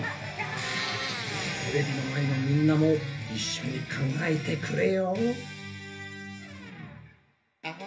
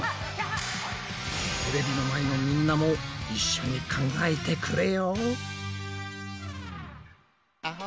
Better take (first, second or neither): second